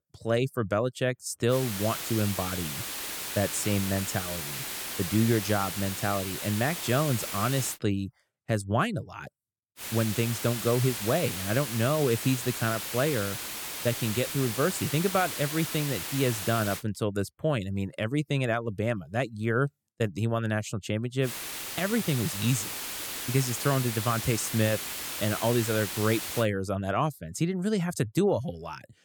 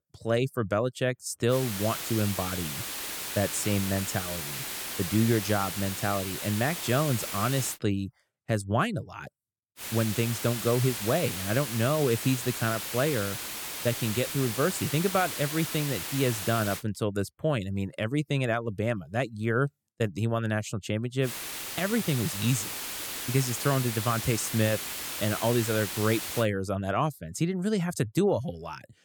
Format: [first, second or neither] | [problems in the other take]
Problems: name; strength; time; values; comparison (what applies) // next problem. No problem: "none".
neither | hiss; loud; from 1.5 to 7.5 s, from 10 to 17 s and from 21 to 26 s; 4 dB below the speech; the same in both